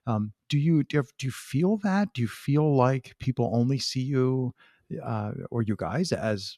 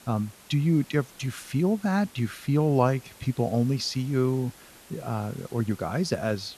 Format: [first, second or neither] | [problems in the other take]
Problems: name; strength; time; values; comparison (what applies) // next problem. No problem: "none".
first | hiss; faint; throughout; 20 dB below the speech